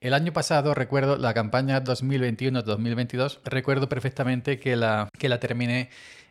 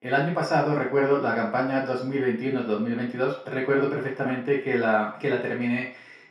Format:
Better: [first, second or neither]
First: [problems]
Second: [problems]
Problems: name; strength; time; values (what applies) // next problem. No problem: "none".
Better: first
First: none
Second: room echo; noticeable; dies away in 0.5 s // off-mic speech; far